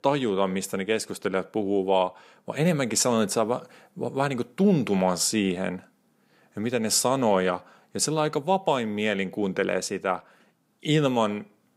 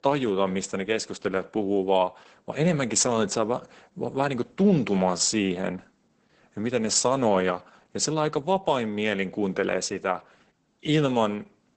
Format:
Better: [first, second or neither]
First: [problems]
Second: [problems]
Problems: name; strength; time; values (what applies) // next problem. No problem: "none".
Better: first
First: none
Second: garbled, watery; badly; nothing above 8 kHz